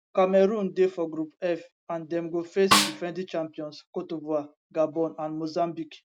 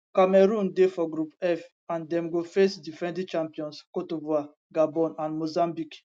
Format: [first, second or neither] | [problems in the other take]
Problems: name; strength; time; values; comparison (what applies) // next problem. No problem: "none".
second | background sound (Snare drum); 4 dB above the speech